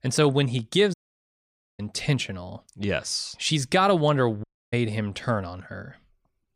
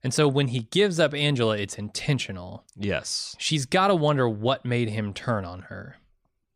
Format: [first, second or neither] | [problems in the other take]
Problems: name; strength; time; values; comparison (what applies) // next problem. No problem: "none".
second | audio cutting out; at 1 s for 1 s and at 4.5 s